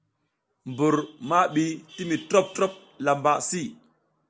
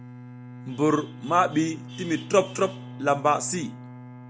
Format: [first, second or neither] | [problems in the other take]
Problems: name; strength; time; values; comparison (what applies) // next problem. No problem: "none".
first | background sound (Bowed string instrument); 14 dB below the speech